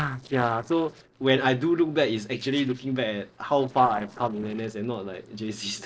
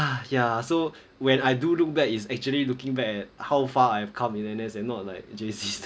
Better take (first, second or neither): second